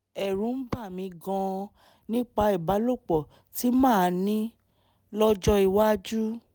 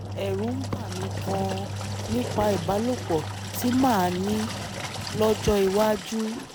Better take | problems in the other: first | background sound (Engine); 6 dB below the speech

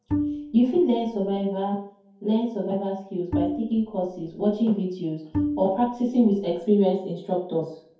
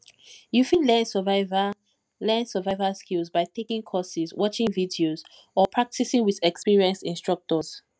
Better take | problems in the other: second | background sound (Bowed string instrument); 6 dB below the speech // room echo; dies away in 0.6 s

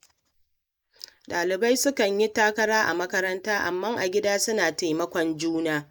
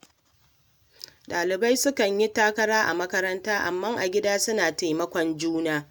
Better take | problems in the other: second | noise reduction (neural mask model Resemble Enhance denoiser)

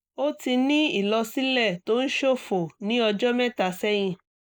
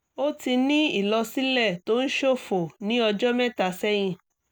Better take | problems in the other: second | noise reduction (neural mask model Resemble Enhance denoiser)

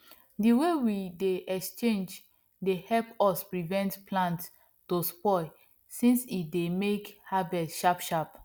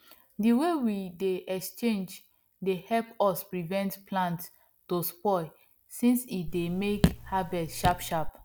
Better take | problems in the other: first | background sound (Raindrop / Drip); 2 dB below the speech

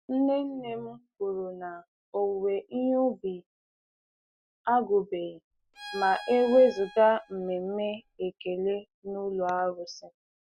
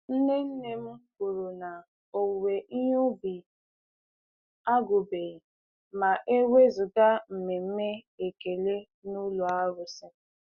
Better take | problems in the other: second | background sound (Bowed string instrument); 16 dB below the speech

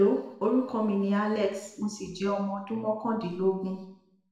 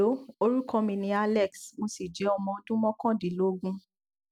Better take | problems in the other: second | room echo; dies away in 0.7 s

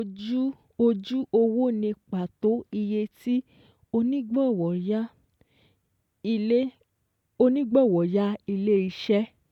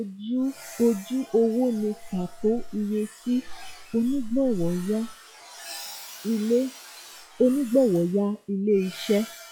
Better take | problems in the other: first | noise reduction (classical method log-MMSE)

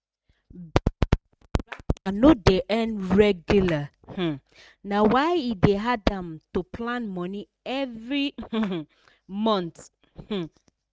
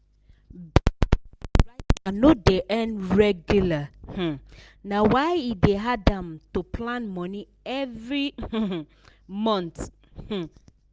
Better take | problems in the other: second | noise reduction (neural mask model RNNoise)

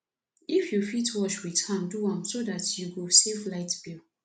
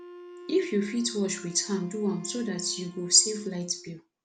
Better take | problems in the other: first | background sound (Wind instrument, woodwind instrument); 17 dB below the speech

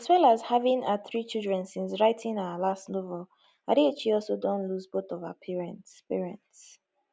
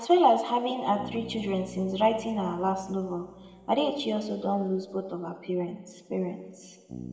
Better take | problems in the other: first | background sound (Bass guitar); 19 dB below the speech // room echo; dies away in 1.6 s

